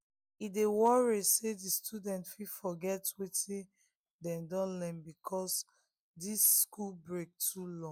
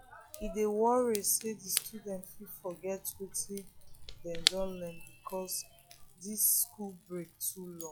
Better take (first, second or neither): first